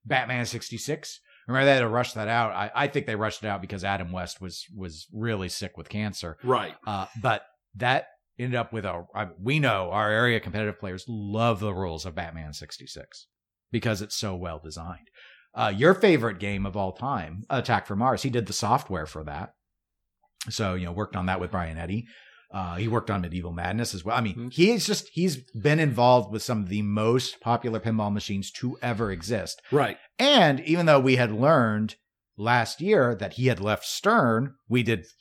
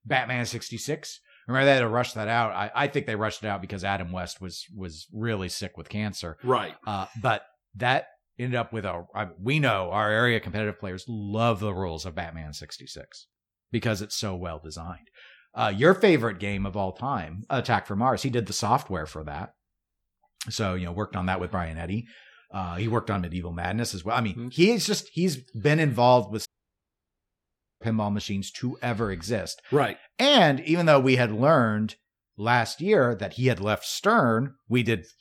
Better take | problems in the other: first | audio cutting out; at 26 s for 1.5 s

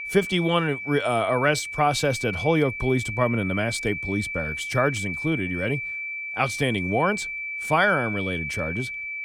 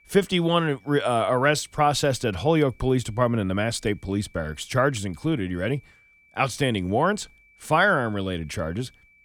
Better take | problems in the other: second | high-pitched whine; loud; throughout; 2.5 kHz, 5 dB below the speech; faint in the second

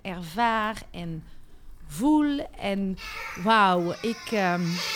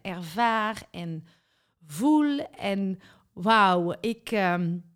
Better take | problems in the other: second | animal sounds; noticeable; throughout; 15 dB below the speech

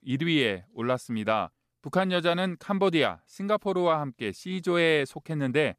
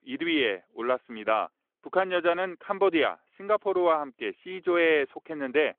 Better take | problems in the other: first | phone-call audio; nothing above 3.5 kHz

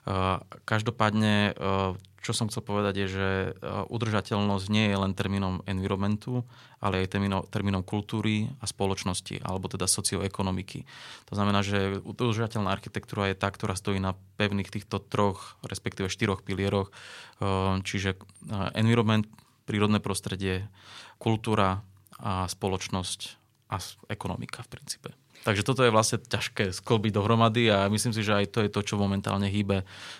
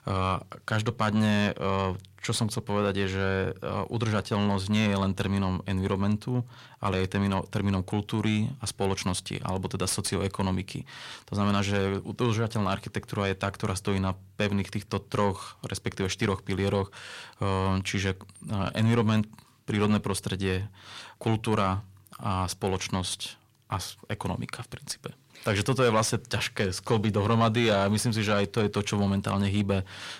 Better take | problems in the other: first | distortion; slight; 10 dB below the speech

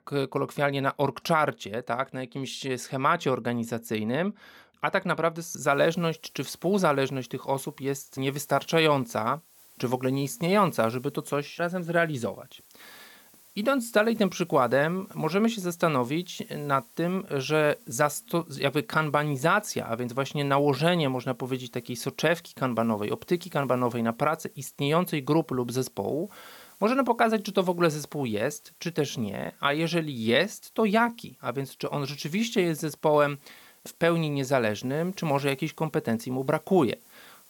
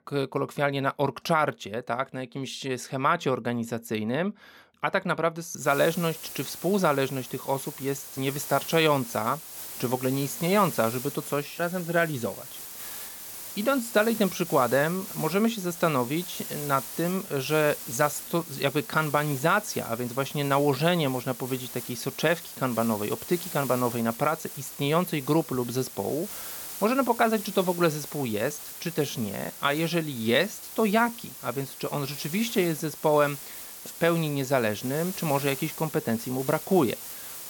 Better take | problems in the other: first | hiss; loud; from 5.5 s on; 10 dB below the speech; faint in the first

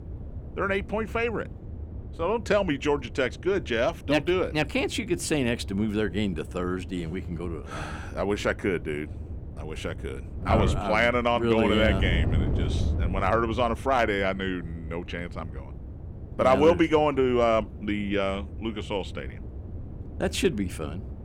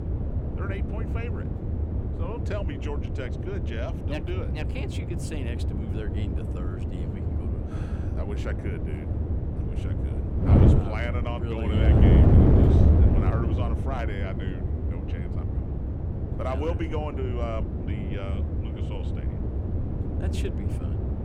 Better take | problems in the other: first | wind noise on the microphone; heavy; 1 dB above the speech; occasional gusts in the first

